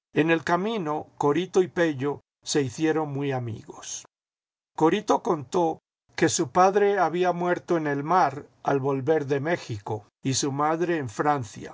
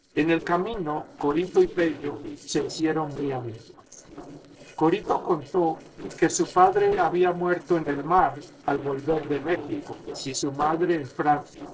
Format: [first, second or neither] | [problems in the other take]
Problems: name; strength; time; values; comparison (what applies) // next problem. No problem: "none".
first | noise reduction (neural separator model SepFormer DNS4)